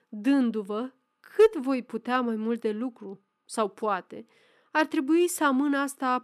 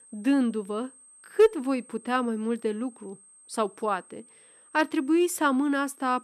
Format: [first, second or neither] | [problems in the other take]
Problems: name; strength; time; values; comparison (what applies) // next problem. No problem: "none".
first | high-pitched whine; faint; throughout; 8.5 kHz, 25 dB below the speech